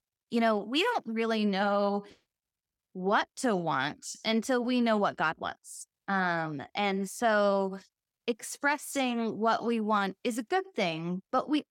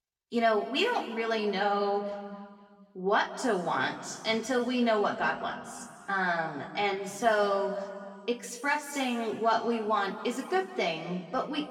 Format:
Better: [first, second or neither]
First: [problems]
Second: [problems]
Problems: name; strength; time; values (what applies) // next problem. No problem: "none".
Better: first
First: none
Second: room echo; slight; dies away in 1.8 s // off-mic speech; far